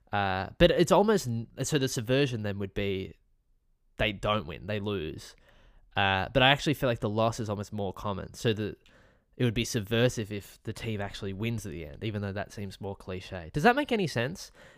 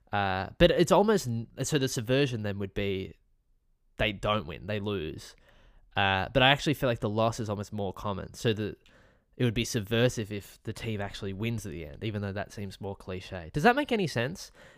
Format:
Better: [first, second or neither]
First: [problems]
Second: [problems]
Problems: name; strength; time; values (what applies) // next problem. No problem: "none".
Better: neither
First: none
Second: none